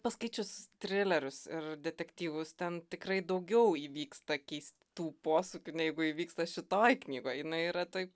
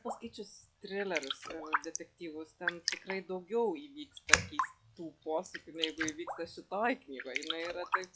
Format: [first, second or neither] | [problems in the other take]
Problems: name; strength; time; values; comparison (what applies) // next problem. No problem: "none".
first | noise reduction (classical method log-MMSE)